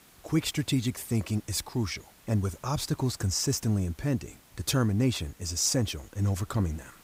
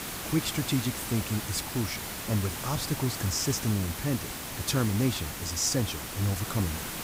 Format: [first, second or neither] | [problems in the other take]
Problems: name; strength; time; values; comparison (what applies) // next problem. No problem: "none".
first | hiss; loud; throughout; 5 dB below the speech; faint in the first